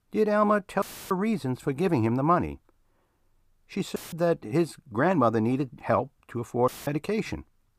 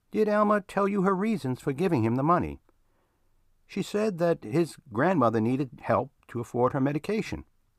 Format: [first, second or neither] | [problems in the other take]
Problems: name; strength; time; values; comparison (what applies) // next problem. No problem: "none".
second | audio cutting out; filled with static; at 1 s, at 4 s and at 6.5 s